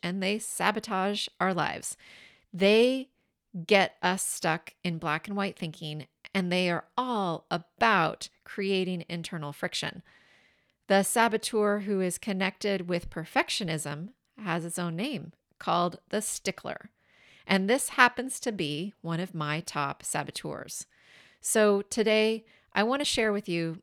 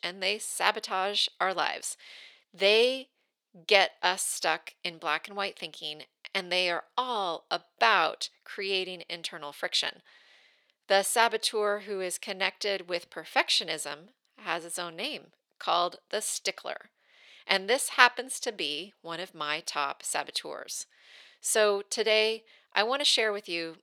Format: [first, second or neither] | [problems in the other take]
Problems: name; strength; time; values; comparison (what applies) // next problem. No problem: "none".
first | thin; very; fading below 500 Hz